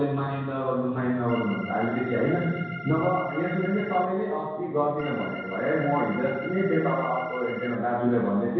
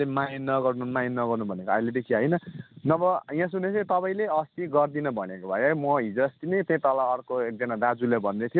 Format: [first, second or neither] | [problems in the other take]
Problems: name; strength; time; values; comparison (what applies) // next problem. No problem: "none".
second | background sound (Organ); 11 dB below the speech // room echo; dies away in 1 s